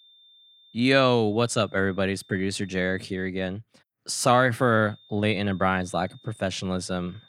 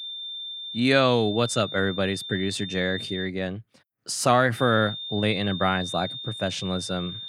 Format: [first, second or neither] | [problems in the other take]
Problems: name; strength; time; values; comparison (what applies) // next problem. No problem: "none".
first | high-pitched whine; loud; until 3.5 s and from 4.5 s on; 3.5 kHz, 8 dB below the speech; faint in the first